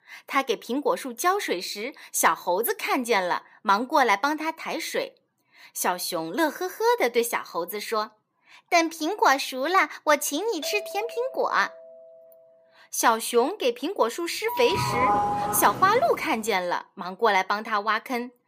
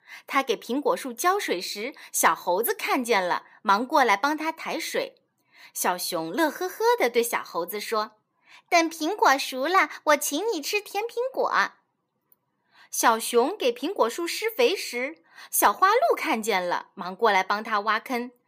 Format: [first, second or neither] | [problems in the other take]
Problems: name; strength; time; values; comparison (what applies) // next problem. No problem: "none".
second | doorbell; faint; from 11 to 12 s; peak 10 dB below the speech // doorbell; loud; from 14 to 16 s; peak 2 dB above the speech